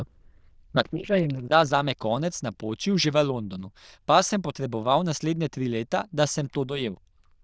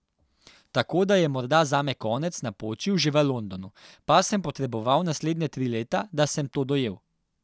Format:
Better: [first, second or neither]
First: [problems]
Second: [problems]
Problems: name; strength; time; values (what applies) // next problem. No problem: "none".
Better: second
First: noise reduction (neural diffusion model UNIVERSE++)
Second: none